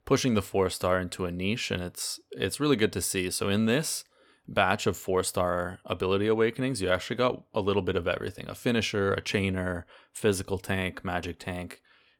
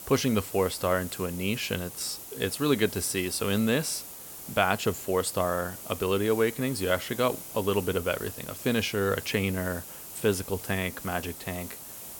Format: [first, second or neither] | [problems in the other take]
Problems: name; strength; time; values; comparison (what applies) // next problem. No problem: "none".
first | hiss; noticeable; throughout; 10 dB below the speech